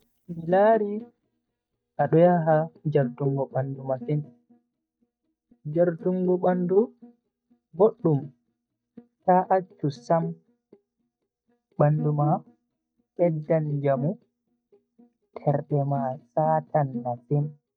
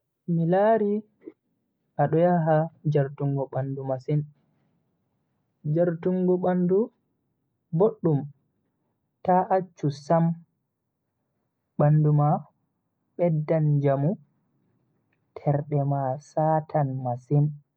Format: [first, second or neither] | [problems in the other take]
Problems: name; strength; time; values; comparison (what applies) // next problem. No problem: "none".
second | noise reduction (neural mask model DeepFilterNet 3)